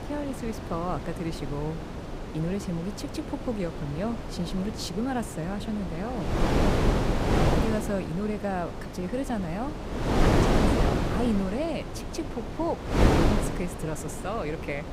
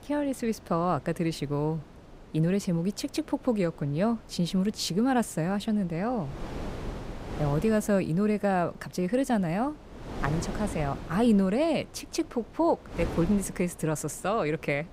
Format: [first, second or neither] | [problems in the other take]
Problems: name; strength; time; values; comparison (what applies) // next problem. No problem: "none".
second | wind noise on the microphone; heavy; 2 dB above the speech; occasional gusts in the second